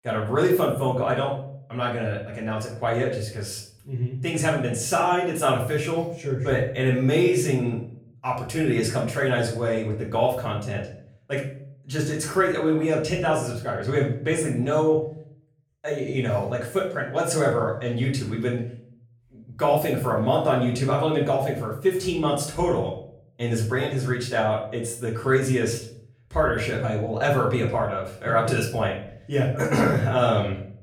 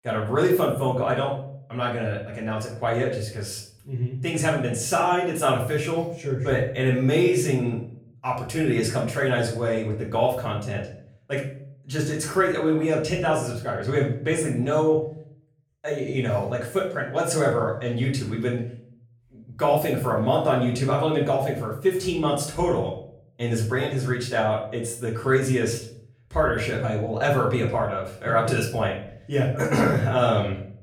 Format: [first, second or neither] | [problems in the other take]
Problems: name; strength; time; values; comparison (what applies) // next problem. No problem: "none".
neither | room echo; noticeable; dies away in 0.5 s; the same in both // off-mic speech; far; the same in both